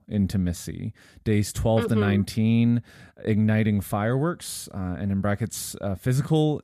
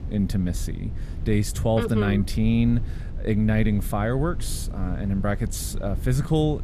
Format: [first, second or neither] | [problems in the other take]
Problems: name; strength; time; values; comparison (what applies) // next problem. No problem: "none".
first | low rumble; noticeable; throughout; 20 dB below the speech